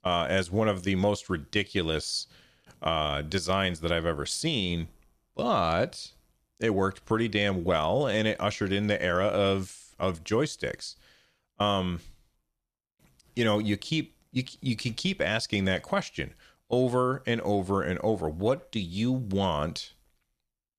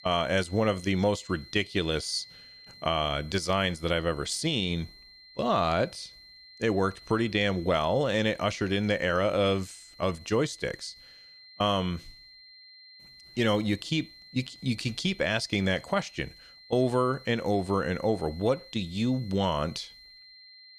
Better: first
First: none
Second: high-pitched whine; faint; throughout; 4 kHz, 20 dB below the speech

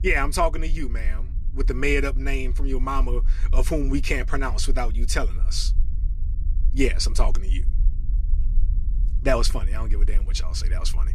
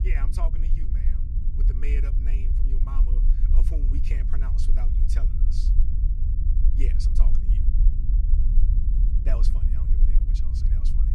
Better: first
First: low rumble; faint; throughout; 20 dB below the speech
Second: low rumble; loud; throughout; 2 dB below the speech

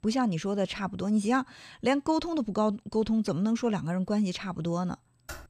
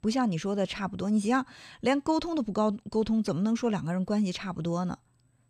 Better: second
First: keyboard typing; faint; at 5 s; peak 15 dB below the speech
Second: none

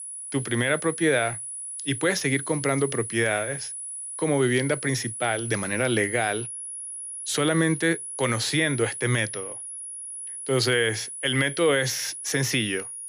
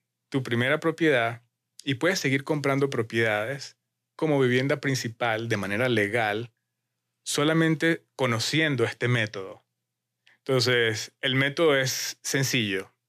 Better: second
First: high-pitched whine; loud; throughout; 10 kHz, 8 dB below the speech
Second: none

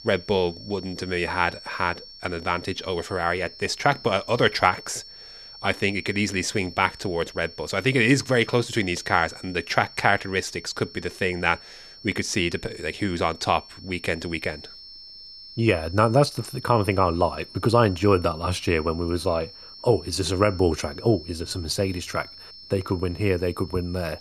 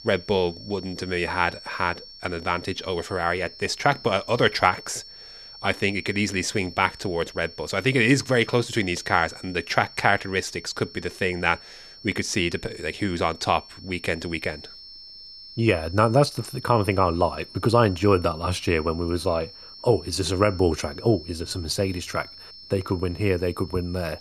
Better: neither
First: high-pitched whine; noticeable; throughout; 5.5 kHz, 15 dB below the speech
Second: high-pitched whine; noticeable; throughout; 5.5 kHz, 15 dB below the speech

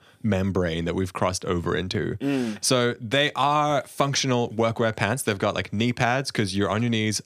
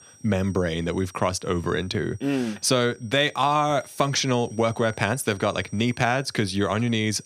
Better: first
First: none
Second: high-pitched whine; faint; throughout; 5.5 kHz, 25 dB below the speech

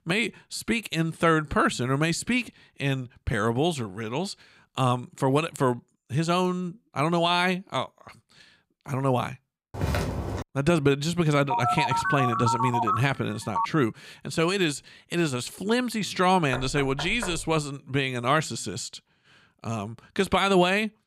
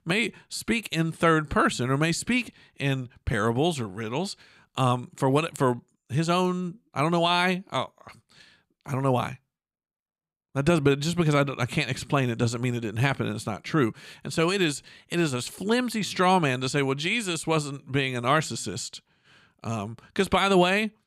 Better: second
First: footsteps; noticeable; at 9.5 s; peak 2 dB below the speech // phone ringing; loud; from 12 to 14 s; peak 1 dB above the speech // door banging; noticeable; at 17 s; peak 9 dB below the speech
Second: none

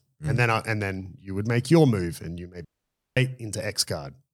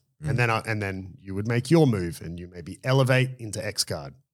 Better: second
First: audio cutting out; at 2.5 s for 0.5 s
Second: none

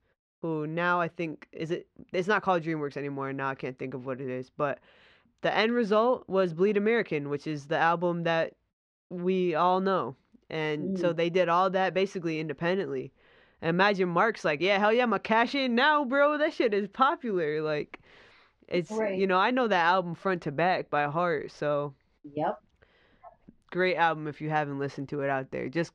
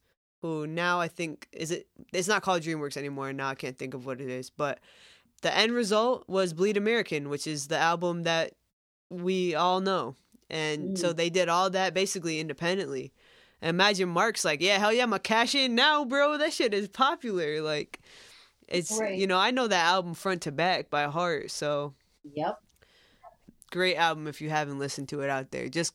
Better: second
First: muffled; slightly; fading above 2 kHz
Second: none

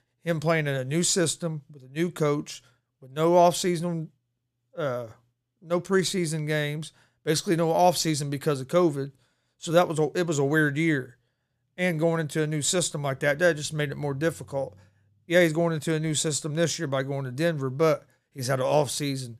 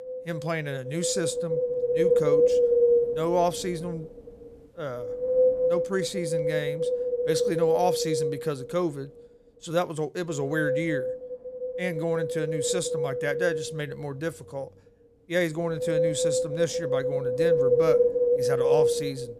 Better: first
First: none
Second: wind noise on the microphone; heavy; 5 dB above the speech

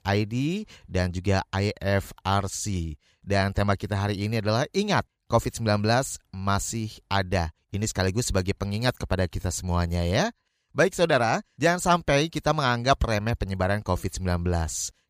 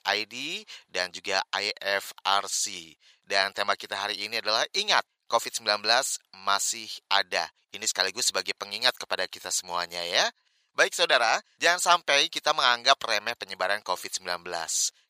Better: first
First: none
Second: thin; very; fading below 800 Hz

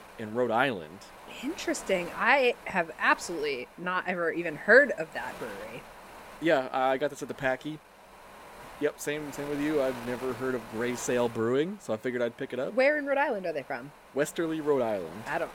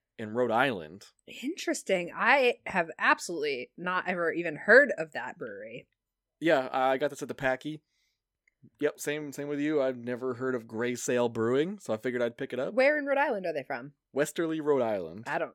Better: second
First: wind noise on the microphone; occasional gusts; 20 dB below the speech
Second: none

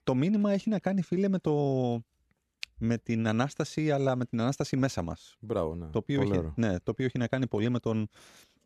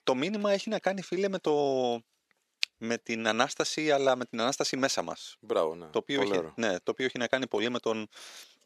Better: first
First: none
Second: thin; somewhat; fading below 450 Hz

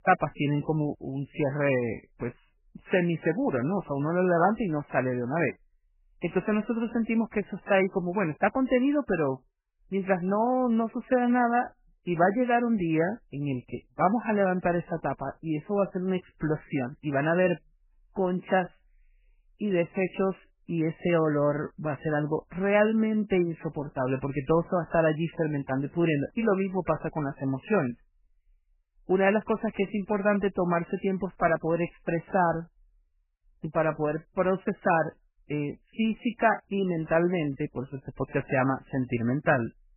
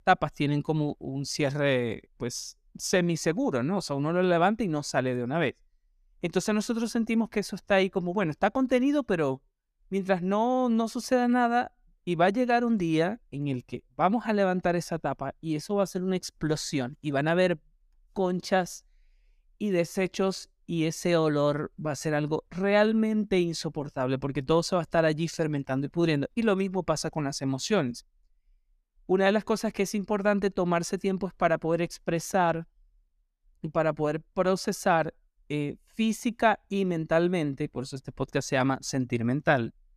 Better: second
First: garbled, watery; badly; nothing above 3 kHz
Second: none

